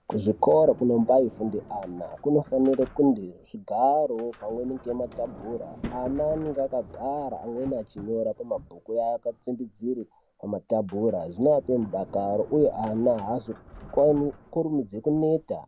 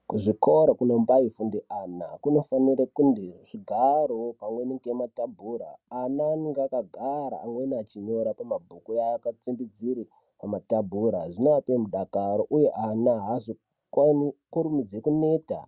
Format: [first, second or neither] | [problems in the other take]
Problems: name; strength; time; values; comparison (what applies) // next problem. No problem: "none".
second | background sound (Sliding door); 20 dB below the speech